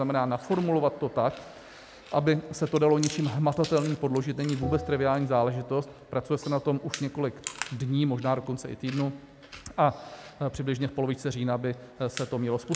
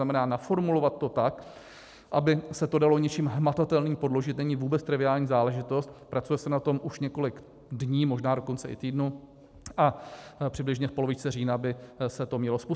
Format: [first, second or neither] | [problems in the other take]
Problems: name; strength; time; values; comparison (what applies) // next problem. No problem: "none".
second | background sound (Chewing, mastication + Bell); 16 dB below the speech